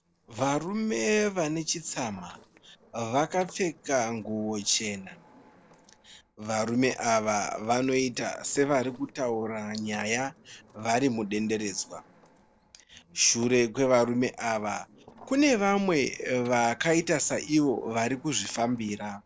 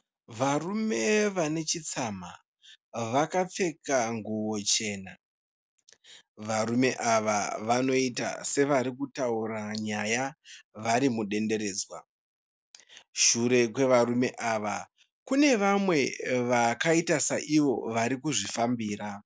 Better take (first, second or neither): second